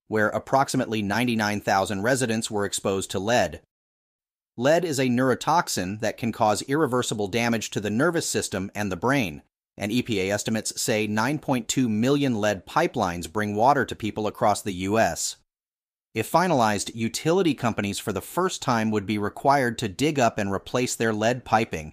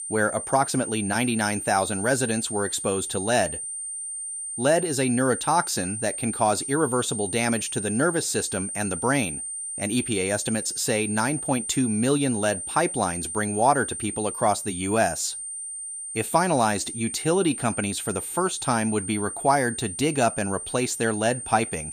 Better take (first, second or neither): first